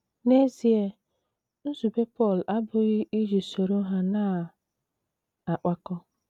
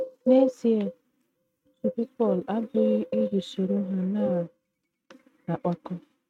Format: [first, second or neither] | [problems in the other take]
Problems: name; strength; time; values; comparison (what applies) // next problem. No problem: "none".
first | noise reduction (neural mask model RNNoise)